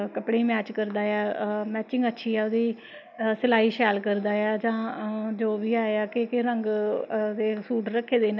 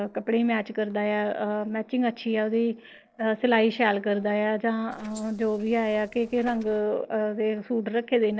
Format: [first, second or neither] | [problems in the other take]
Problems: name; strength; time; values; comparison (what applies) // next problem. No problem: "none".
first | noise reduction (neural separator model SepFormer DNS4)